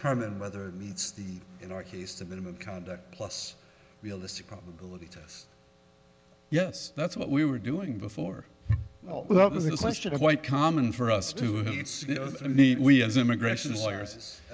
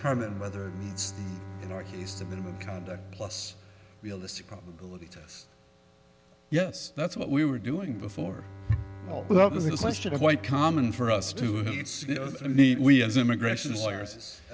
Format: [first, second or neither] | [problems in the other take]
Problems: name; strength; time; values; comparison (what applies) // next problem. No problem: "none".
first | background sound (Bowed string instrument); 16 dB below the speech